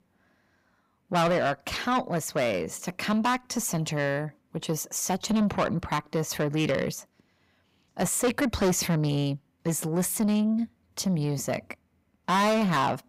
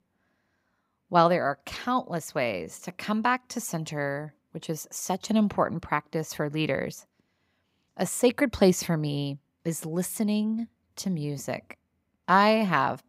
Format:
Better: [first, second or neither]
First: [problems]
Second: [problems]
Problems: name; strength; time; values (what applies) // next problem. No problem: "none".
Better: second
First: distortion; heavy; 6 dB below the speech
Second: none